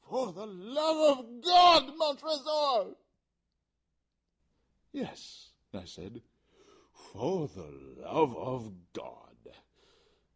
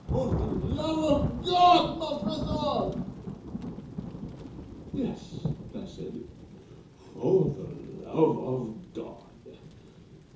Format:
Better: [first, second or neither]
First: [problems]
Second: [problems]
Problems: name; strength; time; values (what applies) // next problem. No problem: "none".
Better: first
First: none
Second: background sound (Thunder / Rain); 6 dB below the speech // room echo; dies away in 0.6 s